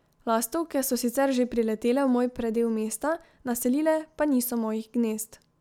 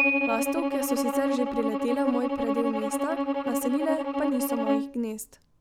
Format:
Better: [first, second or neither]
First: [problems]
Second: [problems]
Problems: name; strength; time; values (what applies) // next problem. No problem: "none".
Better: first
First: none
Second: background sound (Bowed string instrument + Piano); 3 dB above the speech